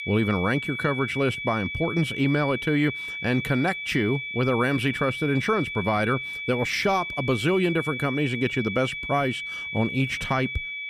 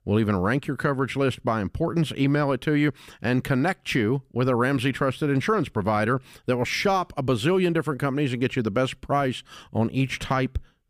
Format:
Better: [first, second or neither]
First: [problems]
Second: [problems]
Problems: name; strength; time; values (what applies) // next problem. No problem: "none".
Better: second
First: high-pitched whine; loud; throughout; 2.5 kHz, 5 dB below the speech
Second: none